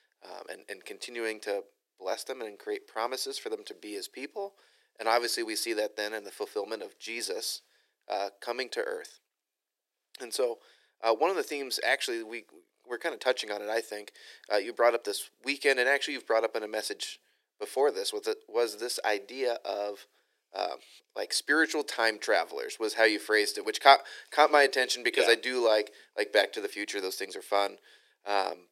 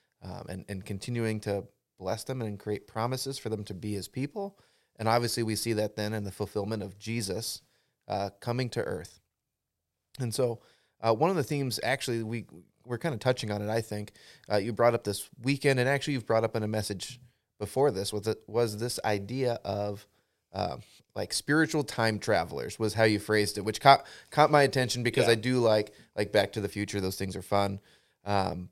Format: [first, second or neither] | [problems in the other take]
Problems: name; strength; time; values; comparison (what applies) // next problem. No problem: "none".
second | thin; very; fading below 300 Hz